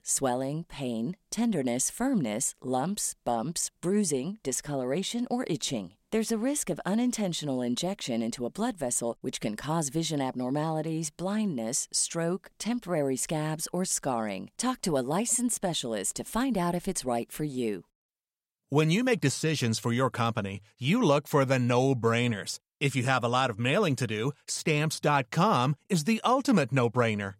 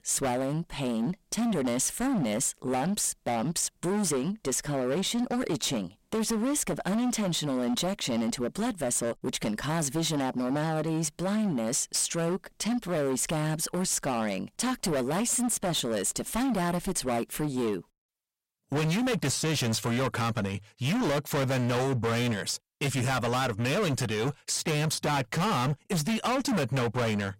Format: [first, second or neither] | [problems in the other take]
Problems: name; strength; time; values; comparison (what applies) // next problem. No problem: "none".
first | distortion; heavy; 27% of the sound clipped